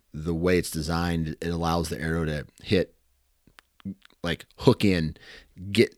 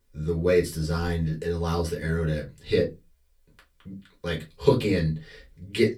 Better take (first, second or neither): first